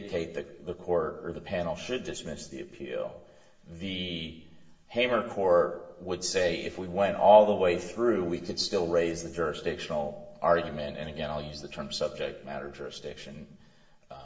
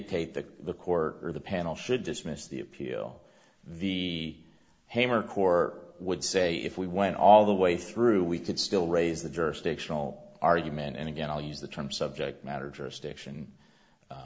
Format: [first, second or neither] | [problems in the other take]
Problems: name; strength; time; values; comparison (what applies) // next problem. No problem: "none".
second | room echo; dies away in 0.8 s